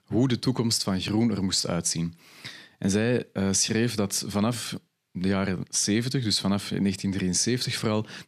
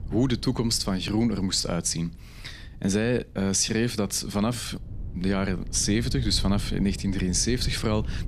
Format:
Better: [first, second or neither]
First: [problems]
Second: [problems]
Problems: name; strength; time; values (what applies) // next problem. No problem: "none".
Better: first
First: none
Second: wind noise on the microphone; occasional gusts; 25 dB below the speech